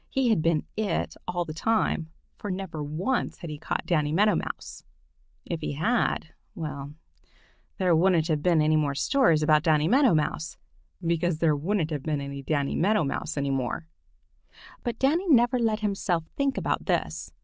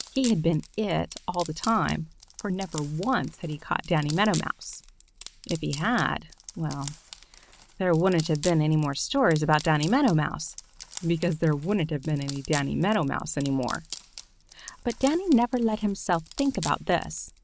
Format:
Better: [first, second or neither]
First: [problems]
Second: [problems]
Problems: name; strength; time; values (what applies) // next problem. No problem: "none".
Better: first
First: none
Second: background sound (Wood); 17 dB below the speech